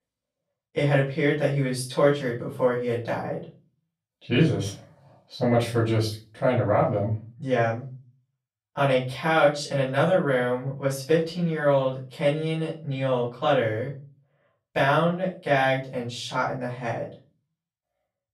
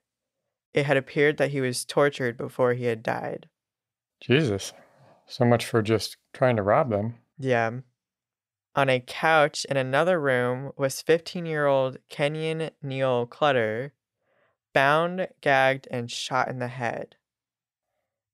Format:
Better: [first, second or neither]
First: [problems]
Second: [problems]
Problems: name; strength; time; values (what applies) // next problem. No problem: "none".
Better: second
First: off-mic speech; far // room echo; slight; dies away in 0.4 s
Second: none